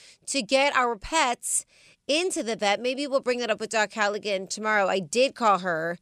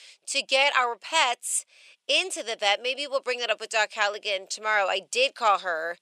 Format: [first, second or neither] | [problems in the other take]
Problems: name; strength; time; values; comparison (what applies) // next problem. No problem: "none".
first | thin; very; fading below 650 Hz